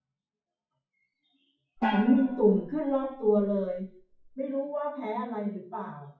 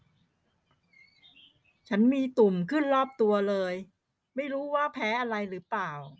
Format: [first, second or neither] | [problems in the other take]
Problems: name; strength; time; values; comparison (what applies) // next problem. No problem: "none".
second | noise reduction (classical method WPE with log-MMSE)